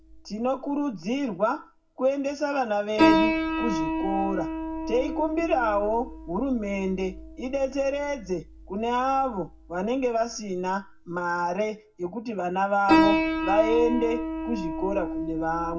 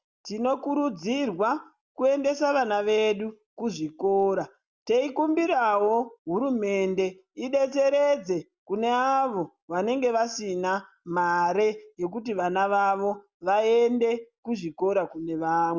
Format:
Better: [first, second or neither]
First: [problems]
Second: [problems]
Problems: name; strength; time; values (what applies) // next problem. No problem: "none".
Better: second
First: background sound (Piano); 2 dB below the speech // room echo; dies away in 0.4 s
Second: none